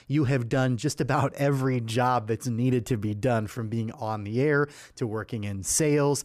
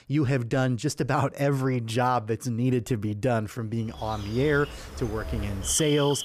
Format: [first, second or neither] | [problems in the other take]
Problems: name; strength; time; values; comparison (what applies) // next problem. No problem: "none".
first | animal sounds; loud; from 4 s on; 10 dB below the speech